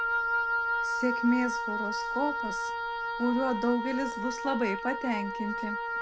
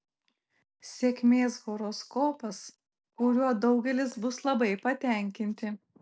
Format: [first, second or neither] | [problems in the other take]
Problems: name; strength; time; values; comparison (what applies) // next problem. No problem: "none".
second | background sound (Wind instrument, woodwind instrument); as loud as the speech